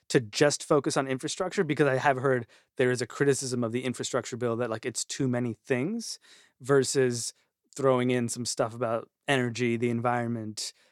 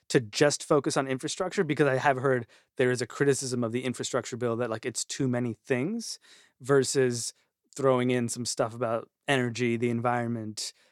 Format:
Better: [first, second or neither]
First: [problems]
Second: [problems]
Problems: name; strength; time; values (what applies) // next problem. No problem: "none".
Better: neither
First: none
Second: none